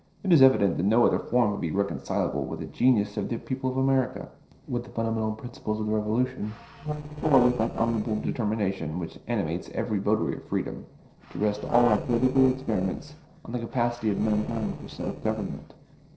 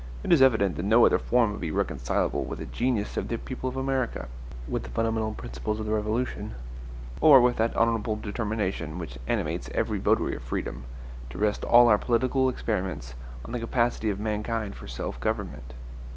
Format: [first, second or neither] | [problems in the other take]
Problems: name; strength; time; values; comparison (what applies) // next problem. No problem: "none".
second | noise reduction (neural separator model SepFormer DNS4)